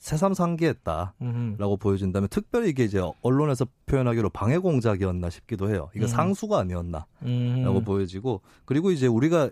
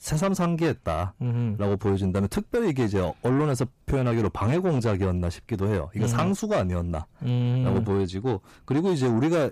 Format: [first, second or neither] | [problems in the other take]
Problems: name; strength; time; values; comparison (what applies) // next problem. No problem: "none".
first | distortion; slight; 10 dB below the speech